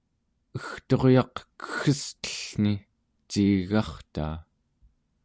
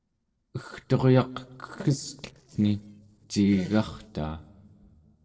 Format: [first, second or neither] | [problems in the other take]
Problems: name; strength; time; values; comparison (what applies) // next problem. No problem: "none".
first | noise reduction (neural separator model SepFormer DNS4)